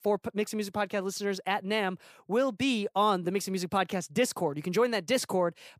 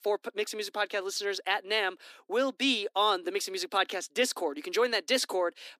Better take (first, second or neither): first